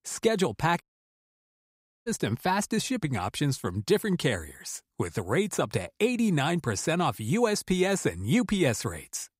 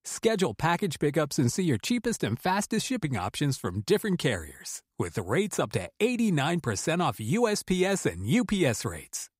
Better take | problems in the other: second | audio cutting out; at 1 s for 1 s

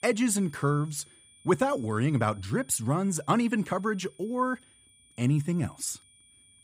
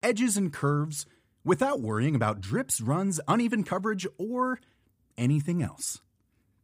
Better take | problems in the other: second | high-pitched whine; faint; throughout; 9 kHz, 30 dB below the speech

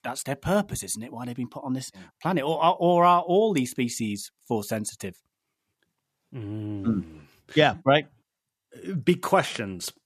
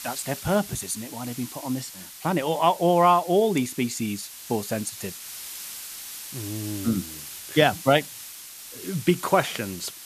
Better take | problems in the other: first | hiss; noticeable; throughout; 10 dB below the speech

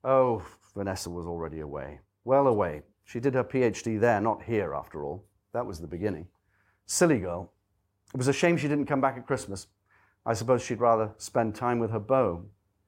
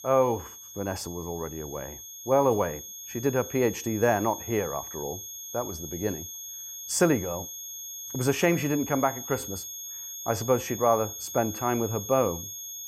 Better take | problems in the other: first | high-pitched whine; loud; throughout; 6.5 kHz, 9 dB below the speech

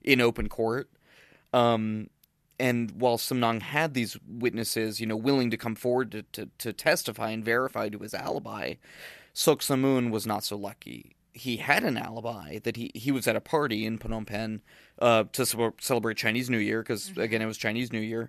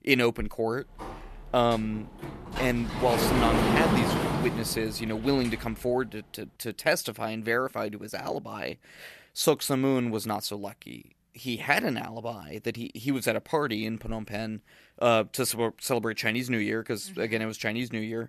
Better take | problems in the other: first | door banging; loud; from 1 to 5.5 s; peak 5 dB above the speech

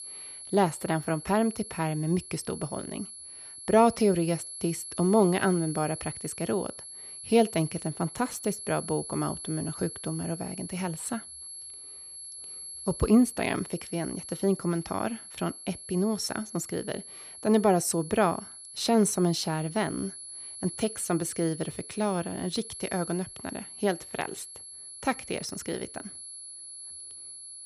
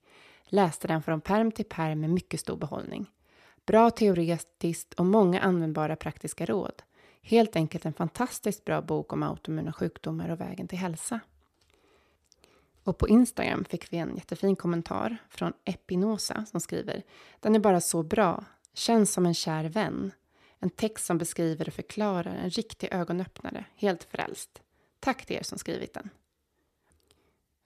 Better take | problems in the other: second | high-pitched whine; noticeable; throughout; 11 kHz, 10 dB below the speech

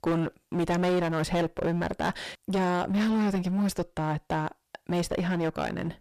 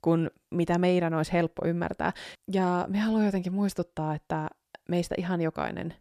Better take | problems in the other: second | distortion; heavy; 16% of the sound clipped

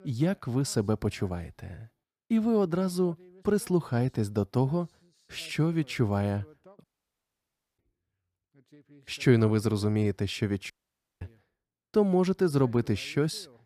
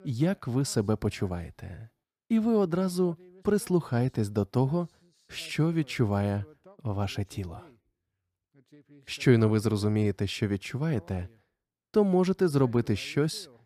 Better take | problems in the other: second | audio cutting out; at 7 s for 1 s and at 11 s for 0.5 s

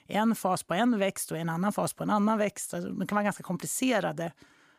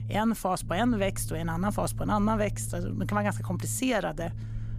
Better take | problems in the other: first | low rumble; faint; throughout; 20 dB below the speech

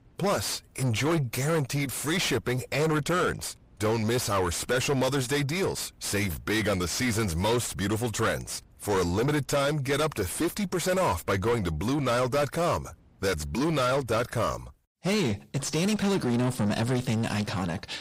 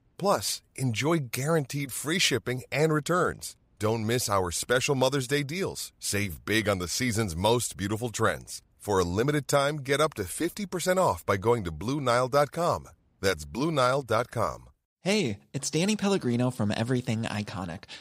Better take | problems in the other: second | distortion; heavy; 5 dB below the speech

